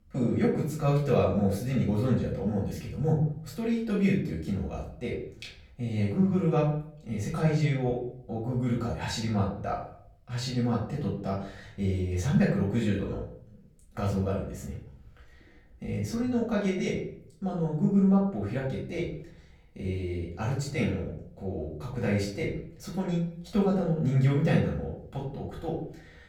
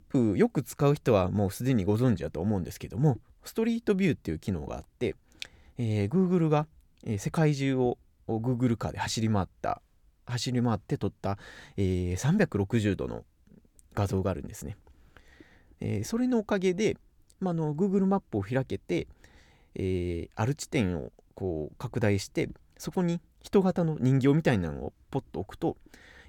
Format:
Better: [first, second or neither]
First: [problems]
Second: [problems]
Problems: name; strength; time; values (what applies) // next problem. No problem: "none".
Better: second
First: off-mic speech; far // room echo; noticeable; dies away in 0.6 s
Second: none